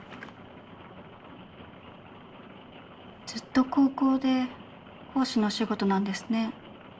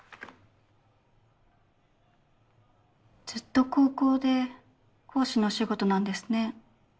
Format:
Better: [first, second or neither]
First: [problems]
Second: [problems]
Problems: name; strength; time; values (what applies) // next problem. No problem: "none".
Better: second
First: background sound (Rain); 17 dB below the speech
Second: none